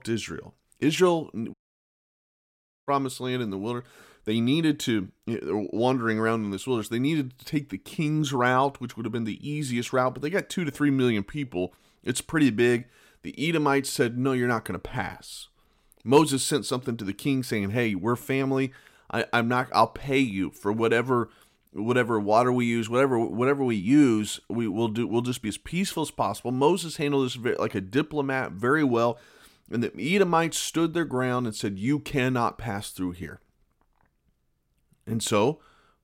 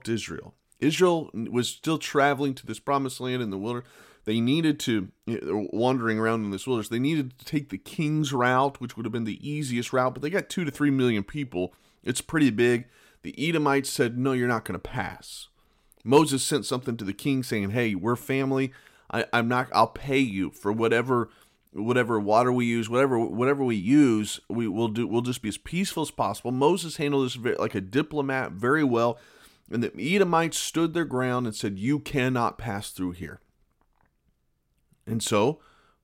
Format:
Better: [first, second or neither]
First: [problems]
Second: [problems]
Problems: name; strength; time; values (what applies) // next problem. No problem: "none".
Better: second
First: audio cutting out; at 1.5 s for 1.5 s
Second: none